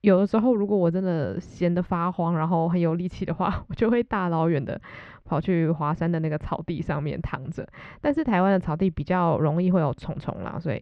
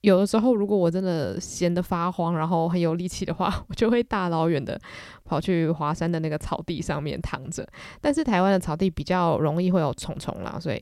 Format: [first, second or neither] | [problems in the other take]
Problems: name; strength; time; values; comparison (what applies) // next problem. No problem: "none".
second | muffled; very; fading above 2 kHz